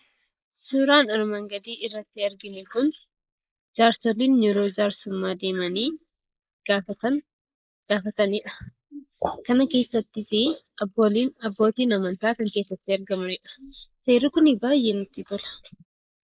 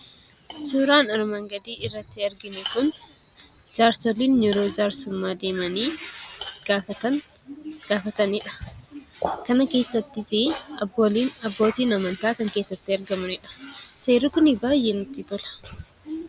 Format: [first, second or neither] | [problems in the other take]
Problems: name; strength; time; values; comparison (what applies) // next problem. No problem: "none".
second | noise reduction (neural mask model Resemble Enhance denoiser)